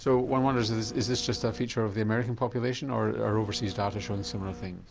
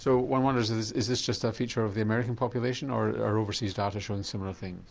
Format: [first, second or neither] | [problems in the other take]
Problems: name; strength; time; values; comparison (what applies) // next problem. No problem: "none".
second | background sound (Printer); 14 dB below the speech